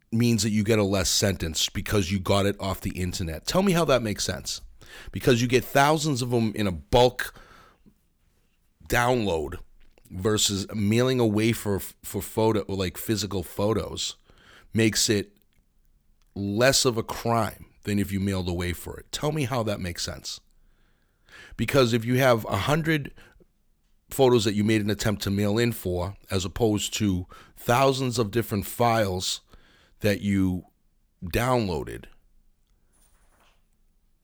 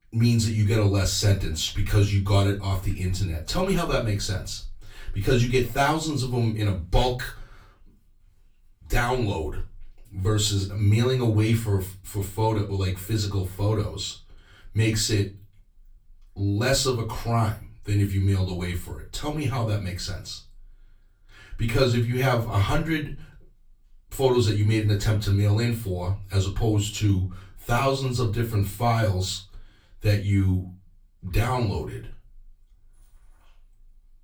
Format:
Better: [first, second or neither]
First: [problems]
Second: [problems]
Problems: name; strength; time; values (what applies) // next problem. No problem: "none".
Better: first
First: none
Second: off-mic speech; far // room echo; very slight; dies away in 0.3 s